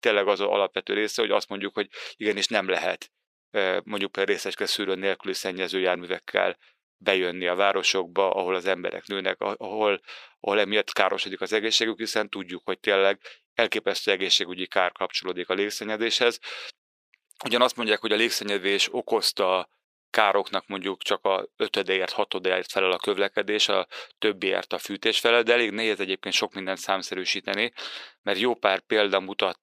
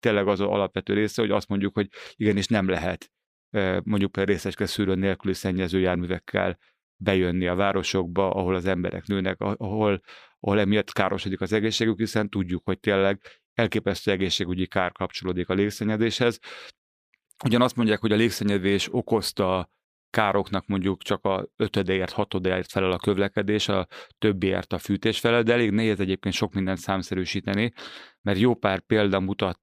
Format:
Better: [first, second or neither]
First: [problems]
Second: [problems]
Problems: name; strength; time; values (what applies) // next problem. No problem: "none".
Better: second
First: thin; somewhat; fading below 500 Hz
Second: none